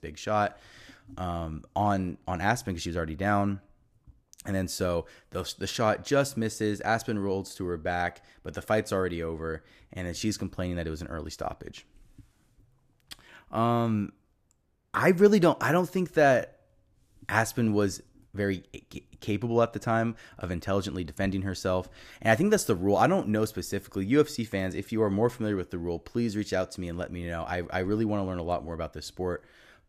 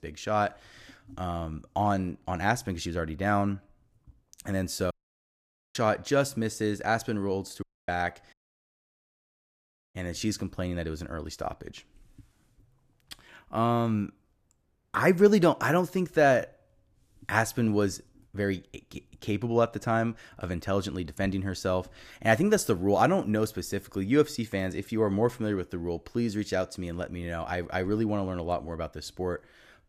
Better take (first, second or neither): first